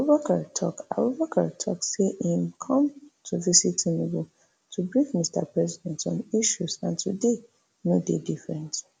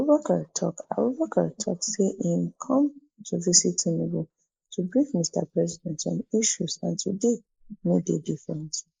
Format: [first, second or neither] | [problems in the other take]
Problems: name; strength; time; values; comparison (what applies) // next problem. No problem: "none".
first | noise reduction (neural mask model Resemble Enhance denoiser)